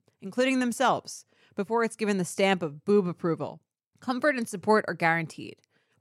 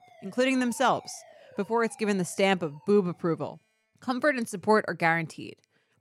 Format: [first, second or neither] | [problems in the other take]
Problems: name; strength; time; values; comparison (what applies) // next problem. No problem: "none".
first | alarms or sirens; faint; throughout; 25 dB below the speech